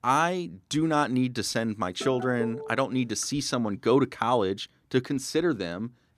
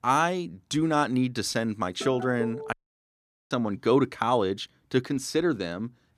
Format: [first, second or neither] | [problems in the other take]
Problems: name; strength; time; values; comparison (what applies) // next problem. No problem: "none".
first | audio cutting out; at 2.5 s for 1 s